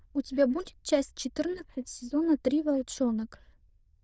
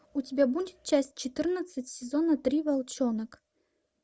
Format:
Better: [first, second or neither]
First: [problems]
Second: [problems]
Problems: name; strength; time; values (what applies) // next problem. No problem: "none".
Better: second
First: noise reduction (neural diffusion model UNIVERSE++)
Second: none